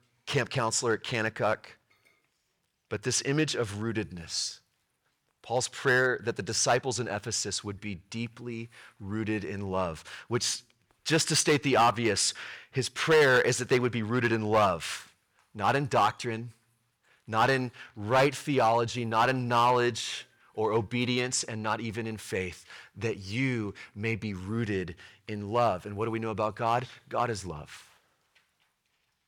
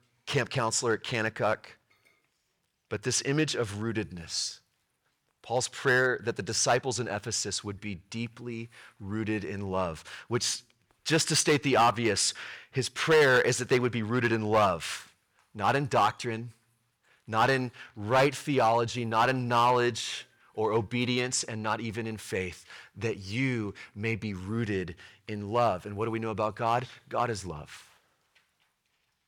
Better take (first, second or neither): neither